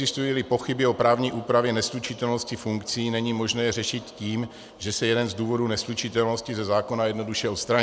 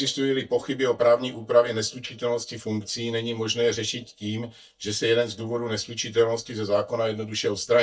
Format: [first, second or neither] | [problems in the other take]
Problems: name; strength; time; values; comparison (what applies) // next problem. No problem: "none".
first | noise reduction (neural mask model DeepFilterNet 3)